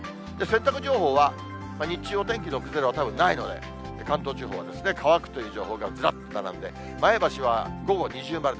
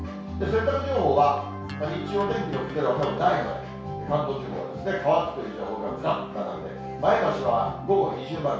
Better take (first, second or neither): first